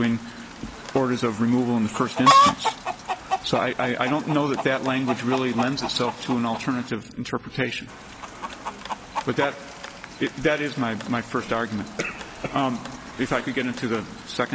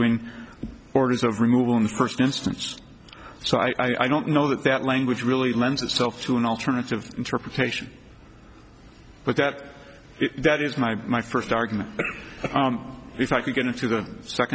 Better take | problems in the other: second | background sound (Chicken, rooster); 3 dB below the speech

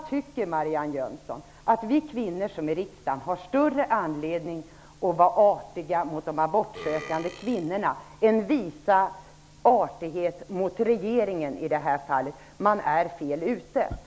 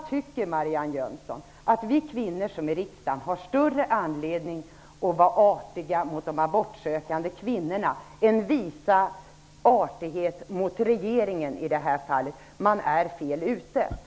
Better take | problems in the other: second | background sound (Burping, eructation); 16 dB below the speech

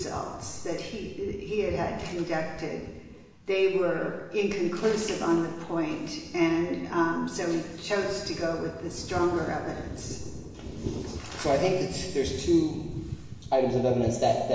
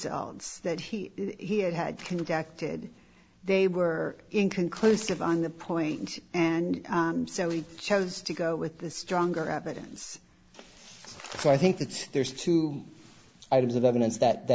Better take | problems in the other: second | background sound (Thunder); 13 dB below the speech // room echo; dies away in 1.3 s

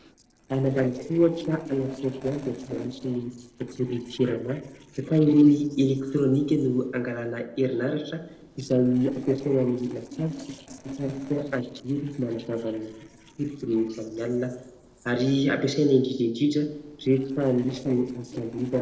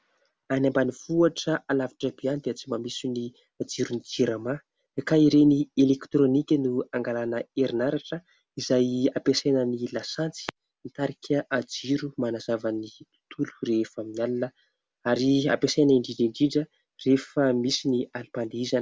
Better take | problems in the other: second | noise reduction (neural separator model SepFormer DNS4)

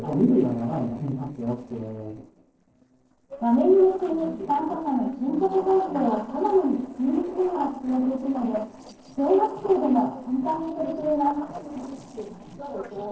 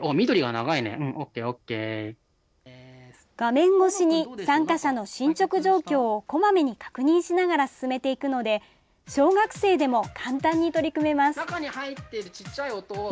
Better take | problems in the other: second | noise reduction (neural separator model SepFormer DNS4)

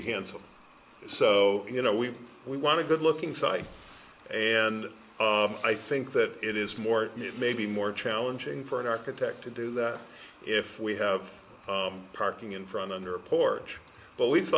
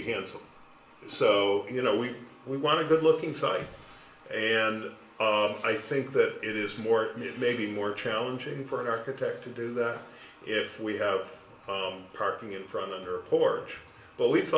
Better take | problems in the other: first | room echo; dies away in 0.5 s

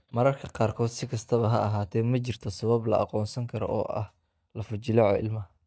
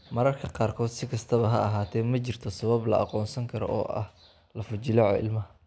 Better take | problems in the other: second | noise reduction (neural mask model DeepFilterNet 3)

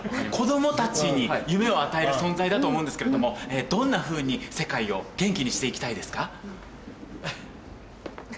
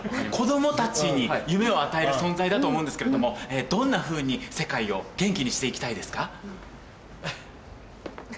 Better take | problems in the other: second | background sound (Thunder / Rain); 19 dB below the speech

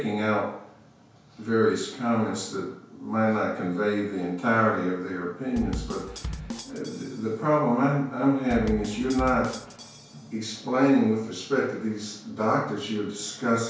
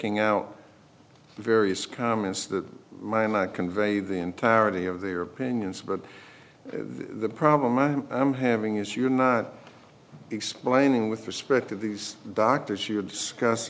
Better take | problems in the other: second | background sound (Bass drum / Snare drum); 10 dB below the speech // room echo; dies away in 0.5 s

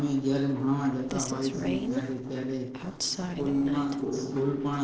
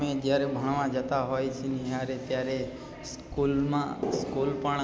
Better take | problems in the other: second | noise reduction (neural separator model SepFormer DNS4)

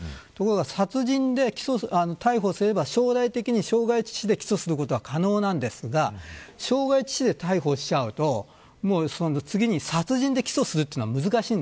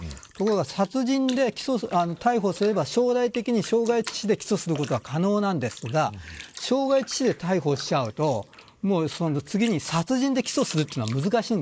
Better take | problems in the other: first | noise reduction (neural mask model Resemble Enhance denoiser)

